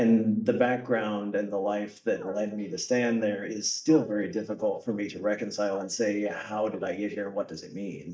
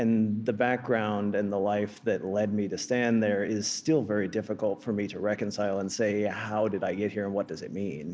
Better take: second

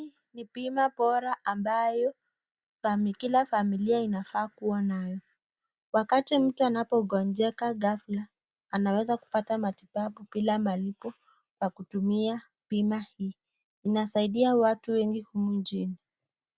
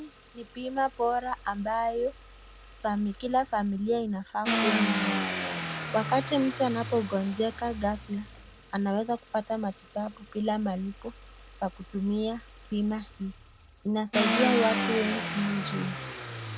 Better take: first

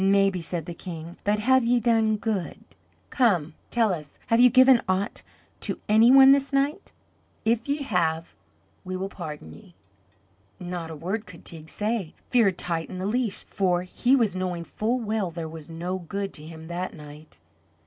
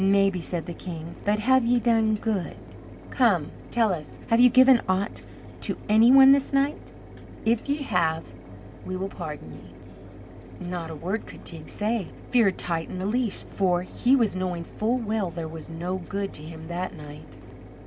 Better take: first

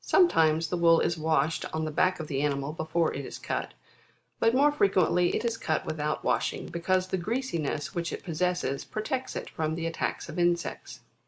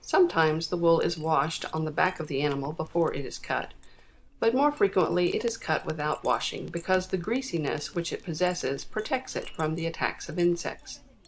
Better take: first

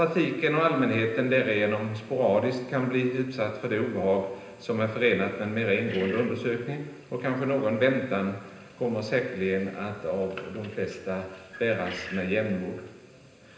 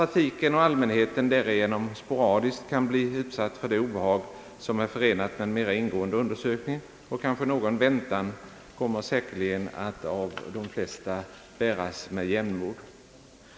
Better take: second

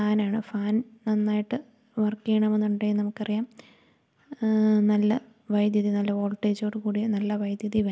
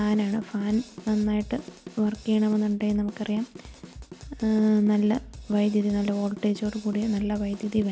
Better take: first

